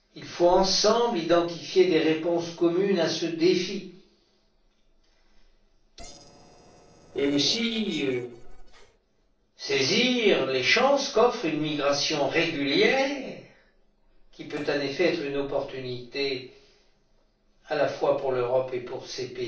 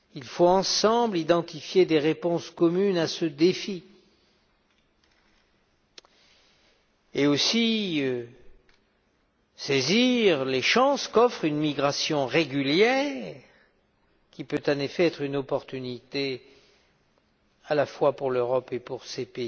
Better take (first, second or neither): second